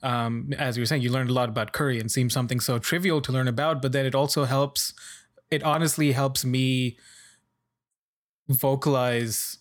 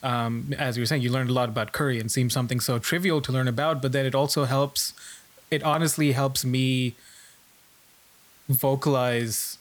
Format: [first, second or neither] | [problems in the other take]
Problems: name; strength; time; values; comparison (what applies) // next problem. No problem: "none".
first | hiss; faint; throughout; 30 dB below the speech